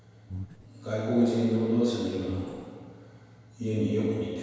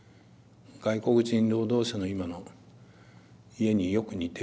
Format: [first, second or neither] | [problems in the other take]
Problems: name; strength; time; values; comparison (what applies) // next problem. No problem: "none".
second | background sound (Breathing); 10 dB below the speech // room echo; dies away in 1.9 s